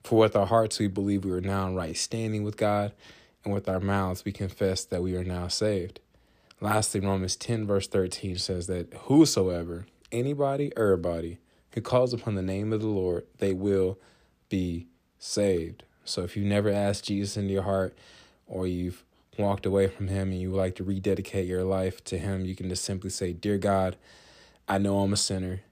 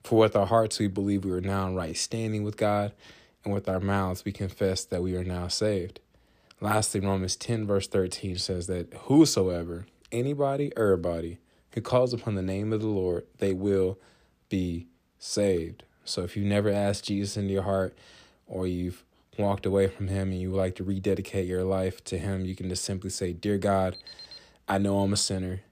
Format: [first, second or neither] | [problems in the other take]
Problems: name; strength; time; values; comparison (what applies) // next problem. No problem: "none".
first | alarm; faint; at 24 s; peak 15 dB below the speech